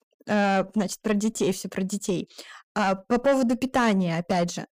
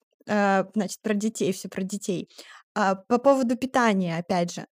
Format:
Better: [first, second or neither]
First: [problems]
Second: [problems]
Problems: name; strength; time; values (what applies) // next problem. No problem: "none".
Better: second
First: distortion; slight; 9 dB below the speech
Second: none